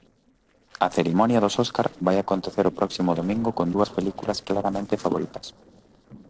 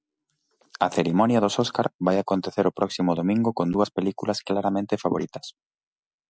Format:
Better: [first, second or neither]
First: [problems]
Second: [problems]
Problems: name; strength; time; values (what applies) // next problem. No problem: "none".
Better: second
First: noise reduction (neural separator model SepFormer DNS4)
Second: none